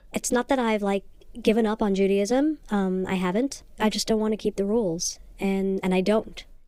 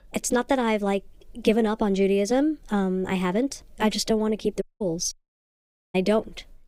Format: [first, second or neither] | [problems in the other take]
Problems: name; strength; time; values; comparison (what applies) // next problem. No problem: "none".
first | audio cutting out; at 4.5 s and at 5 s for 1 s